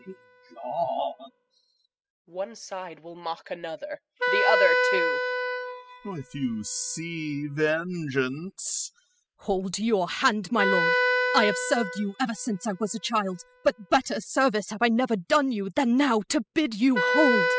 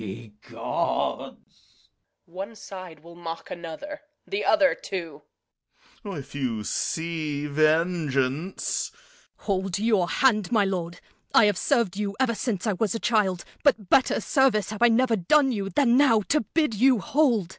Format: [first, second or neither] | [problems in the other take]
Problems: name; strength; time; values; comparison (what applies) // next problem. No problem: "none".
second | noise reduction (classical method spectral subtraction)